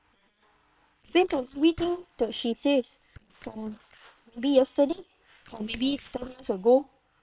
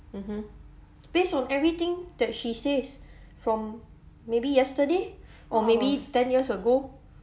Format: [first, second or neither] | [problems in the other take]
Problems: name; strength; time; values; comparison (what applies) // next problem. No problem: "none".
second | noise reduction (neural separator model SepFormer WHAM!)